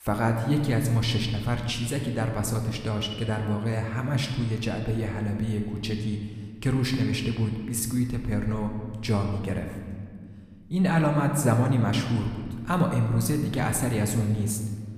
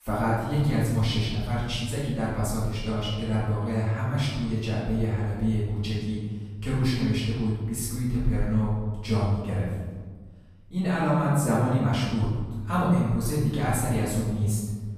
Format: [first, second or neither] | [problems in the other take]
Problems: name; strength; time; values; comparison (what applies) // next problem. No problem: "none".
first | room echo; strong; dies away in 1.4 s; slight in the first // off-mic speech; far